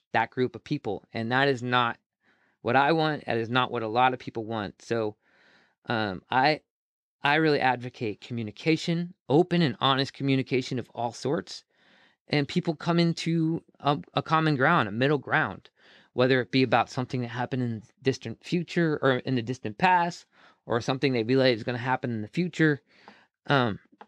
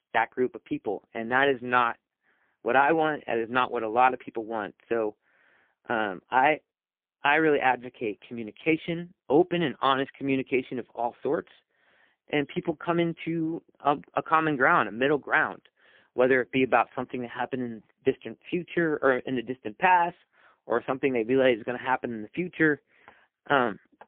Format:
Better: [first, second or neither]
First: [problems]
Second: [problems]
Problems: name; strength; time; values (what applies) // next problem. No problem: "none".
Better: first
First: none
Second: phone-call audio; poor line; nothing above 3.5 kHz